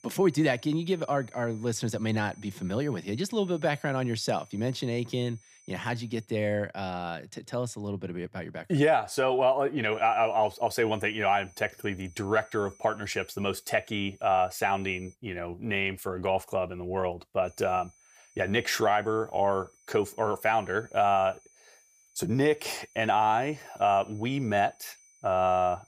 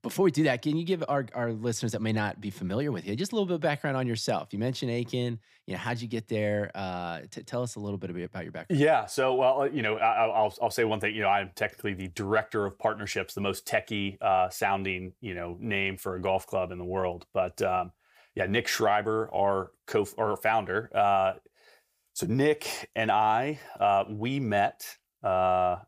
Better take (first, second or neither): second